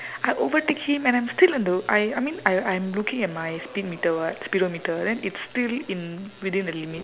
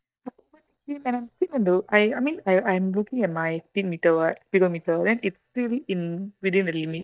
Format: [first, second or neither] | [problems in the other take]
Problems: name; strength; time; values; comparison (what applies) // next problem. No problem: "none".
first | noise reduction (neural mask model DeepFilterNet 3)